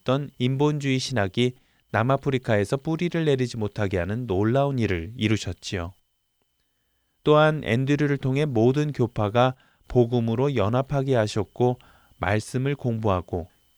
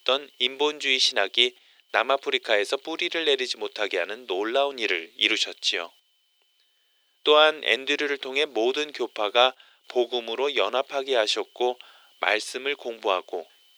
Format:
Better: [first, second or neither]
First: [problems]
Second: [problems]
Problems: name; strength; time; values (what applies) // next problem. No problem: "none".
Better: first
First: none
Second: thin; very; fading below 350 Hz